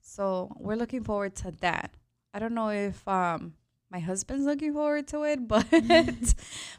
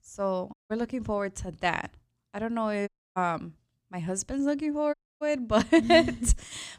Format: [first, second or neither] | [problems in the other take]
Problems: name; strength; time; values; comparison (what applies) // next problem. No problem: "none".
first | audio cutting out; at 0.5 s, at 3 s and at 5 s